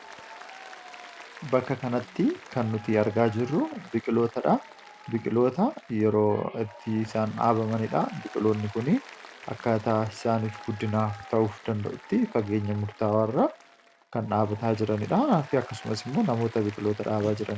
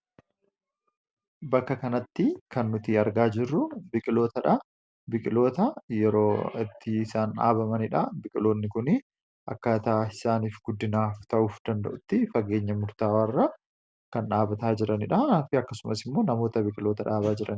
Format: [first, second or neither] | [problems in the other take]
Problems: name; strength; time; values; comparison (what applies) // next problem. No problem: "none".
second | background sound (Applause); 19 dB below the speech